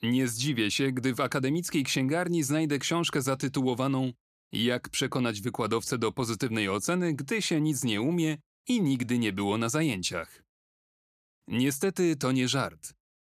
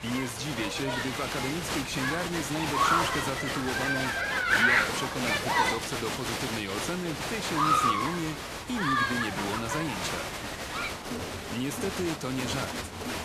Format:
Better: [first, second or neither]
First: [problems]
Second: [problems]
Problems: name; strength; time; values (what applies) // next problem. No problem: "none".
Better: first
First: none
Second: crowd noise; very loud; throughout; 5 dB above the speech